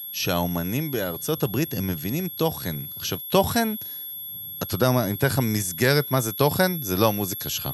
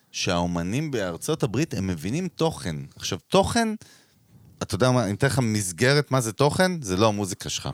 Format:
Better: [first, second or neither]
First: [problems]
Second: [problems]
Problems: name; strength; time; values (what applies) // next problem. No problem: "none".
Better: second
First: high-pitched whine; loud; throughout; 11.5 kHz, 8 dB below the speech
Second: none